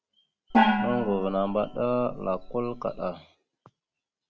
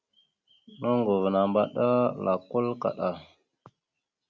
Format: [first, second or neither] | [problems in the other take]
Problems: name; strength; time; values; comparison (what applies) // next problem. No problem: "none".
second | background sound (Gong); 2 dB above the speech